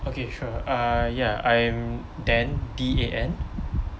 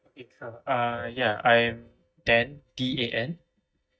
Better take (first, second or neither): first